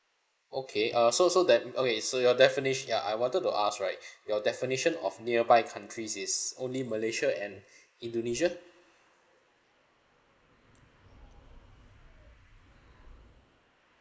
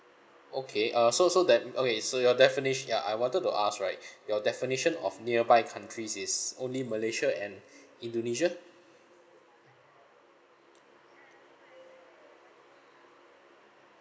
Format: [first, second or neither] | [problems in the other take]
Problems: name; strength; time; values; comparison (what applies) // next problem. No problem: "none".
second | noise reduction (neural mask model Resemble Enhance denoiser)